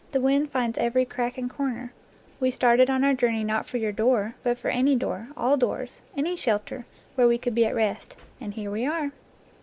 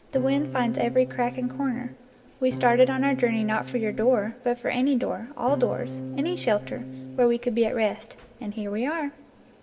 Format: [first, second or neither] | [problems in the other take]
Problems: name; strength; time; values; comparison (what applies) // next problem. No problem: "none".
first | background sound (Electric guitar / Strum); 10 dB below the speech // room echo; dies away in 1.9 s